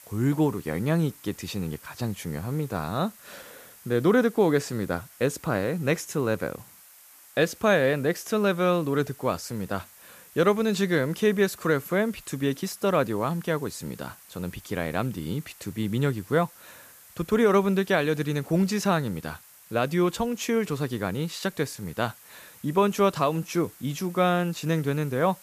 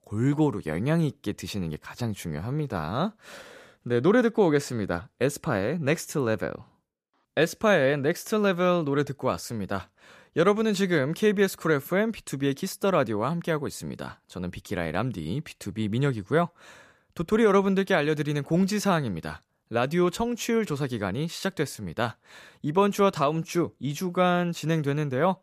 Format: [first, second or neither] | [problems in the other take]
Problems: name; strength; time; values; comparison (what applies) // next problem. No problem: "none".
second | hiss; faint; throughout; 20 dB below the speech